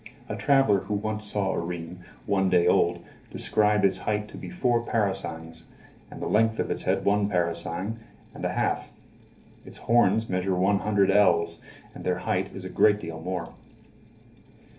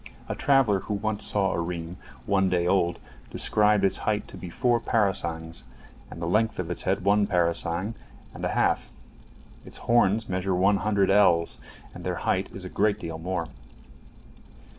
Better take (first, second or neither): second